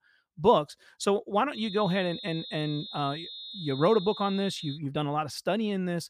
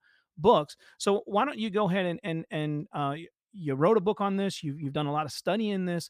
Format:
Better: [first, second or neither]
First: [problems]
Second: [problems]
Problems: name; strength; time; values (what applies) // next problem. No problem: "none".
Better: second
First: high-pitched whine; noticeable; from 1.5 to 5 s; 4 kHz, 10 dB below the speech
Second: none